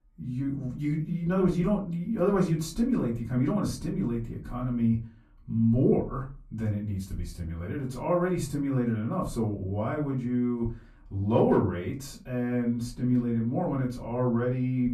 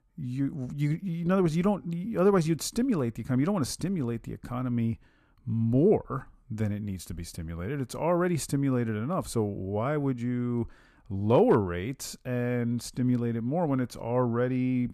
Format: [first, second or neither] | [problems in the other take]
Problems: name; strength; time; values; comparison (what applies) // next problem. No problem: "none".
second | off-mic speech; far // room echo; very slight; dies away in 0.3 s